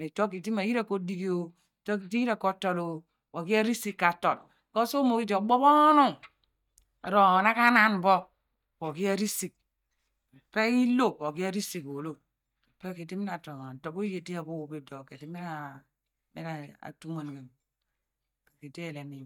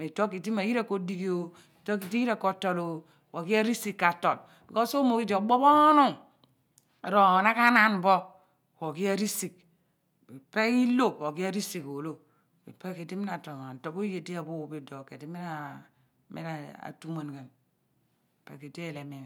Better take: second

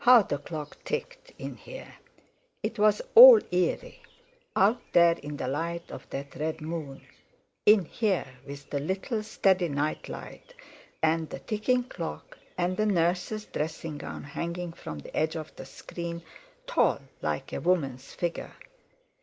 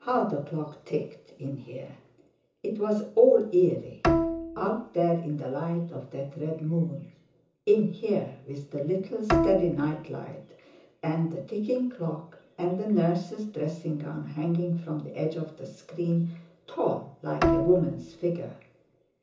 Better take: first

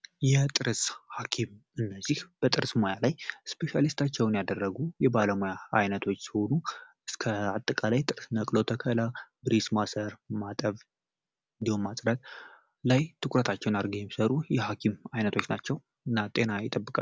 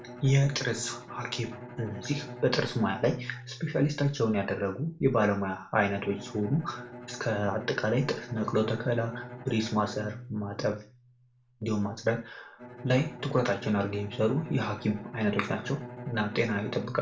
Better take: first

